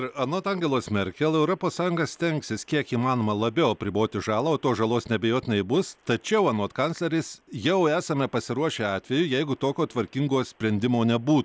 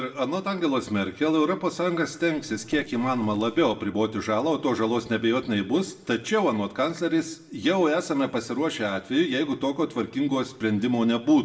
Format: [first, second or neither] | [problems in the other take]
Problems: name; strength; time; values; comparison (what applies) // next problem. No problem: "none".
first | noise reduction (neural separator model SepFormer DNS4)